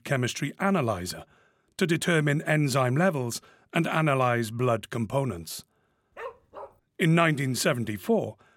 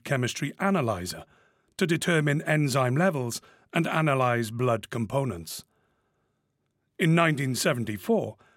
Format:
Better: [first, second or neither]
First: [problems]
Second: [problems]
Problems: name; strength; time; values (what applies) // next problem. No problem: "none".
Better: second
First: dog barking; faint; at 6 s; peak 15 dB below the speech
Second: none